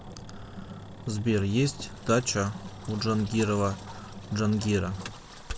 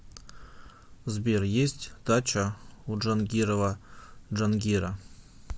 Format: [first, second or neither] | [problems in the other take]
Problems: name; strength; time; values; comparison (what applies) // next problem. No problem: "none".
second | background sound (Engine); 14 dB below the speech